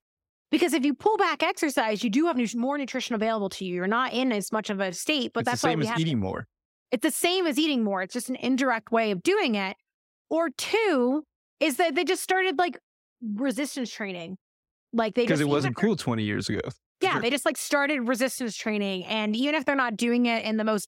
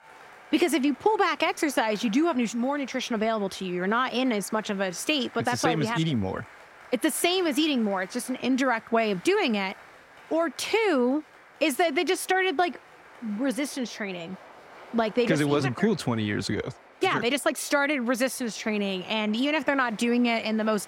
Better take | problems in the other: first | crowd noise; faint; throughout; 20 dB below the speech

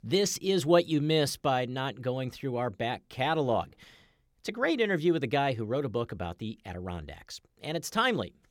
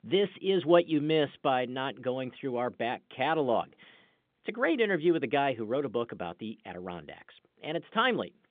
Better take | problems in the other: first | phone-call audio; nothing above 3 kHz

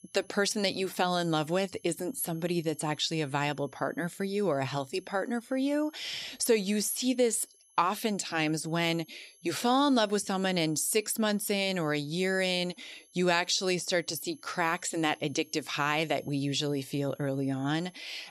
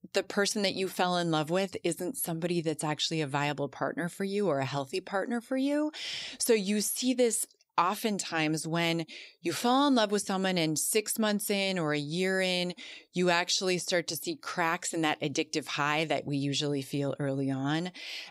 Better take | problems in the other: second | high-pitched whine; faint; throughout; 11.5 kHz, 30 dB below the speech

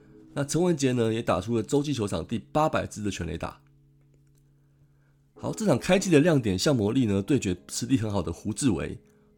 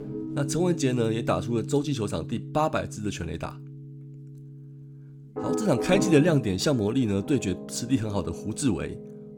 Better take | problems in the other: first | background music; loud; throughout; 8 dB below the speech; faint in the first

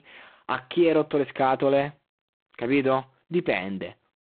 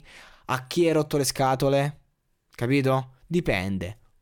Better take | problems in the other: second | phone-call audio; poor line; nothing above 4 kHz

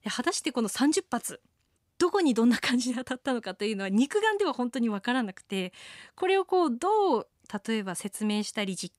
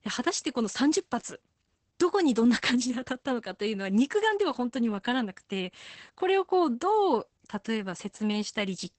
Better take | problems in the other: first | garbled, watery; badly; nothing above 8 kHz

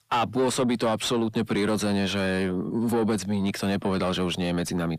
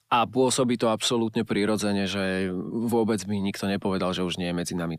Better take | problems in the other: second | distortion; slight; 10 dB below the speech

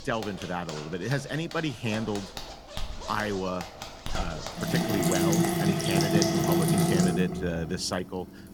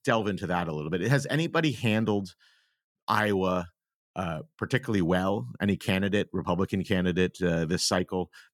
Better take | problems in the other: second | household noises; very loud; throughout; 4 dB above the speech

